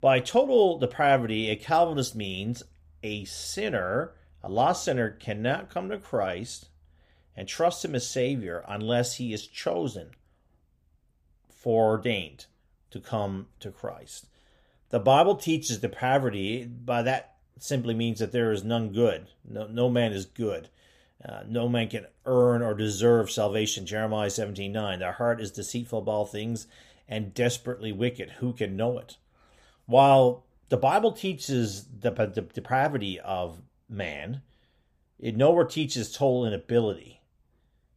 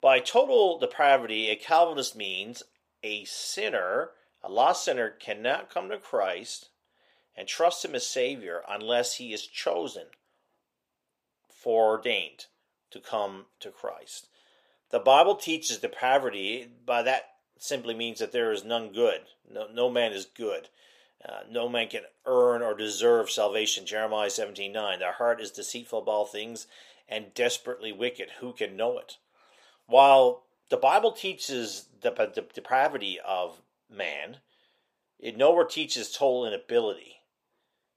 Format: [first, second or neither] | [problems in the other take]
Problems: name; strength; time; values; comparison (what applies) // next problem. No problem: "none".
first | thin; somewhat; fading below 500 Hz